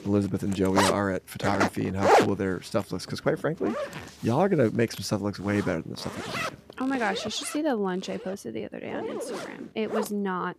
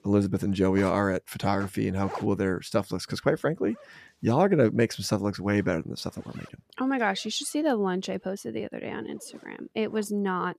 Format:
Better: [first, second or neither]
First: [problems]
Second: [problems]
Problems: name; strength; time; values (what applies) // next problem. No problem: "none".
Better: second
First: household noises; loud; throughout; 1 dB below the speech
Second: household noises; faint; throughout; 20 dB below the speech